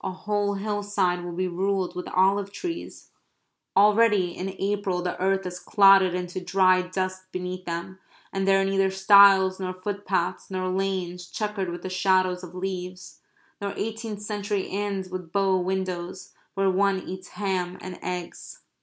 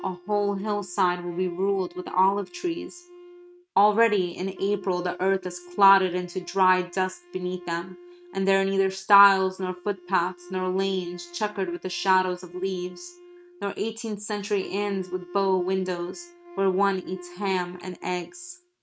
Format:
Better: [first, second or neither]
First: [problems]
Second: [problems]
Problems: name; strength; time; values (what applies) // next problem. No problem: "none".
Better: first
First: none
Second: noise reduction (neural mask model RNNoise)